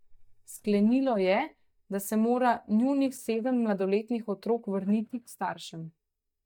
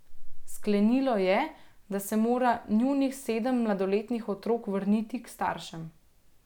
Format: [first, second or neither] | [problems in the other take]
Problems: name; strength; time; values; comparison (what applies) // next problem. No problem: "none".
second | noise reduction (neural mask model DeepFilterNet 3)